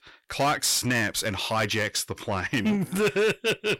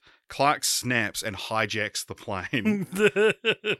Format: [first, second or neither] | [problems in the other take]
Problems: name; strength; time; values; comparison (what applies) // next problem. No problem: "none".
second | distortion; heavy; 7 dB below the speech